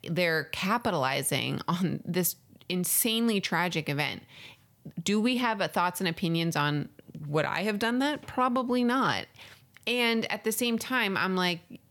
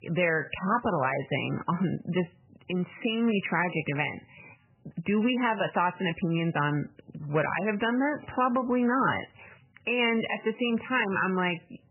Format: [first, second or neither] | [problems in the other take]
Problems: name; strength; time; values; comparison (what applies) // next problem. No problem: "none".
first | garbled, watery; badly; nothing above 3 kHz